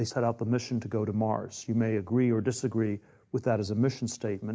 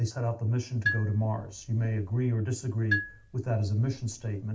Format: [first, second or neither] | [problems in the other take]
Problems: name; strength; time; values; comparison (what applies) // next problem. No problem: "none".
first | background sound (Marimba, xylophone); 8 dB below the speech // room echo; dies away in 0.2 s